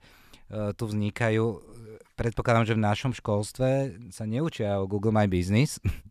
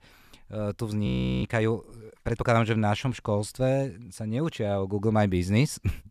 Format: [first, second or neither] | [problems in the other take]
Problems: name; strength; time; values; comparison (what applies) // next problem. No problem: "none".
first | audio freezing; at 1 s